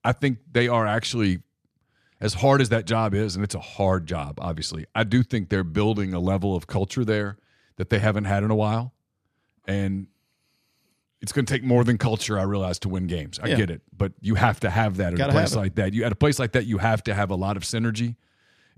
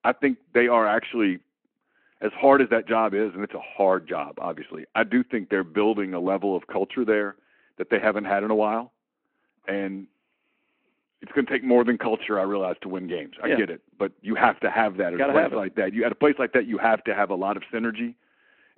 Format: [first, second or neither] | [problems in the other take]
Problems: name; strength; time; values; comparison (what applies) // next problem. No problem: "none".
first | phone-call audio